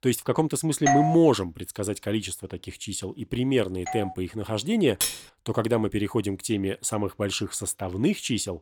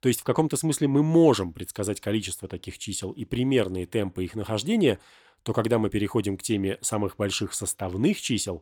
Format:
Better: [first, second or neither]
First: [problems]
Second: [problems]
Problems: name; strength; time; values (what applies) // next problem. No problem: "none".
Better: second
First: doorbell; loud; at 1 s; peak 3 dB above the speech // doorbell; noticeable; at 4 s; peak 8 dB below the speech // clattering dishes; noticeable; at 5 s; peak level with the speech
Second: none